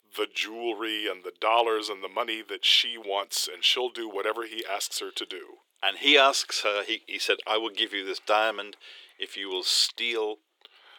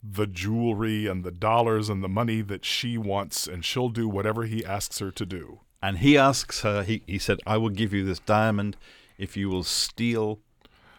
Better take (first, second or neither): second